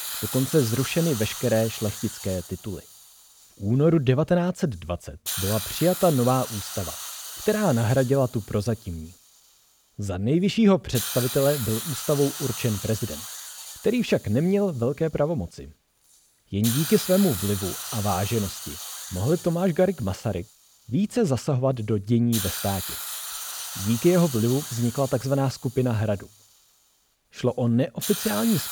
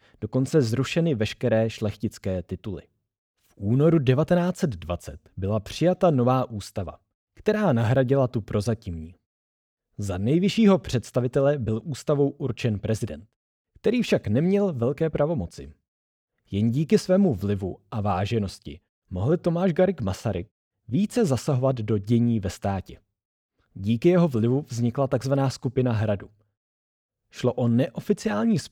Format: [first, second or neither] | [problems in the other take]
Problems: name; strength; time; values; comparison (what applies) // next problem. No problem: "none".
second | hiss; loud; throughout; 7 dB below the speech